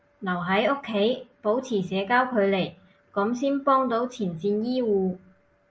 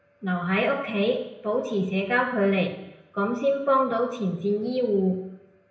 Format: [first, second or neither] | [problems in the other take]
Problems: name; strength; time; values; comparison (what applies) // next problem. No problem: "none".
first | room echo; dies away in 0.8 s